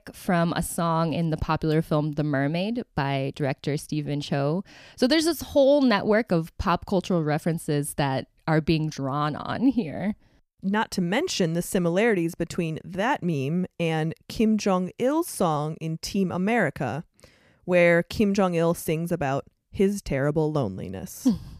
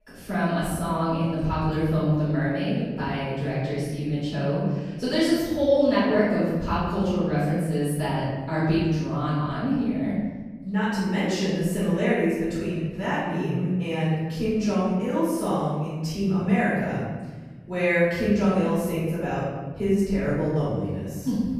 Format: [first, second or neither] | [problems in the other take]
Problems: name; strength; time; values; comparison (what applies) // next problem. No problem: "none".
first | room echo; strong; dies away in 1.5 s // off-mic speech; far